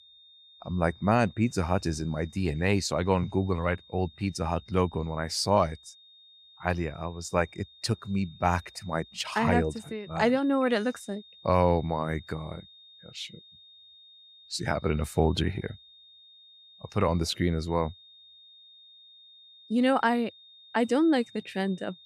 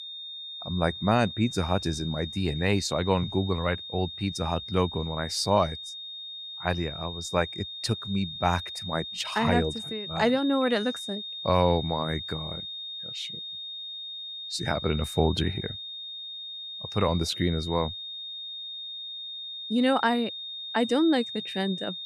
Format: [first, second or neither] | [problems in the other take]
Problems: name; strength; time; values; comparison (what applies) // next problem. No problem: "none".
first | high-pitched whine; loud; throughout; 3.5 kHz, 8 dB below the speech; faint in the first